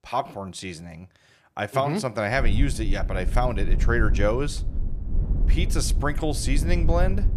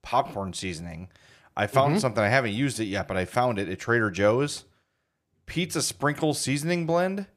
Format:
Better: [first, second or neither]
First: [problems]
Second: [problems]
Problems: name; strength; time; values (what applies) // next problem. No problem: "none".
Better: second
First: low rumble; noticeable; from 2.5 s on; 15 dB below the speech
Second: none